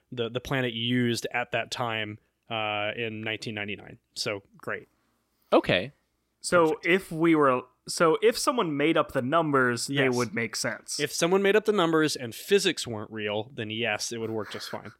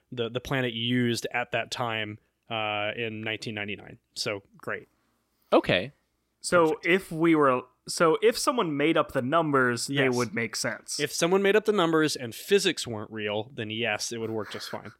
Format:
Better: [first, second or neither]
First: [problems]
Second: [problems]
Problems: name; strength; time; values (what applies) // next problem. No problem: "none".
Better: neither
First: none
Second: none